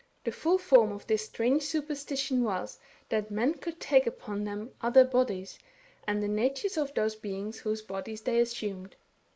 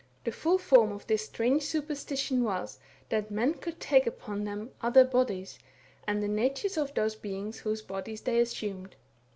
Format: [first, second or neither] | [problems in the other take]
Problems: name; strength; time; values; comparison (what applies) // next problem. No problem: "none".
second | noise reduction (neural mask model Resemble Enhance denoiser)